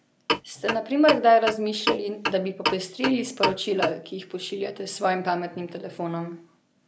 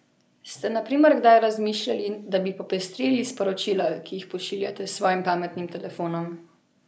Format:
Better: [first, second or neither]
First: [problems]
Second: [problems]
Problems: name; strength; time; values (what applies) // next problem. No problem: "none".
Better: second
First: background sound (Clock); 4 dB below the speech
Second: none